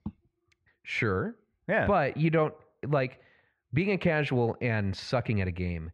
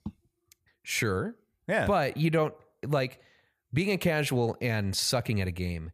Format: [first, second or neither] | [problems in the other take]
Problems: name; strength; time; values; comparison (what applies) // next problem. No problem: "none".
second | muffled; slightly; fading above 2 kHz